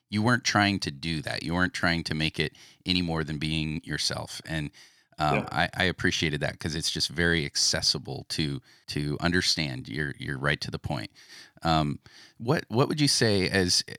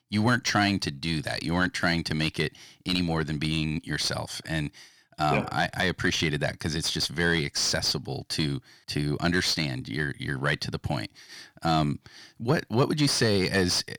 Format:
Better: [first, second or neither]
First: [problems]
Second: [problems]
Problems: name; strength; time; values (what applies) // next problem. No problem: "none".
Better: first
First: none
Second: distortion; slight; 10 dB below the speech